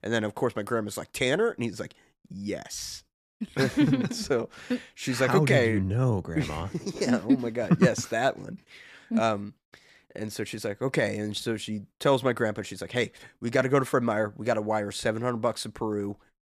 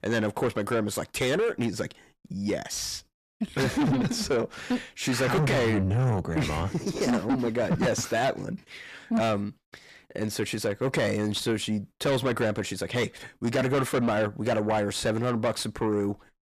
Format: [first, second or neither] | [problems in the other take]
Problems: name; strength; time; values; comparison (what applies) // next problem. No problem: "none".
first | distortion; heavy; 6 dB below the speech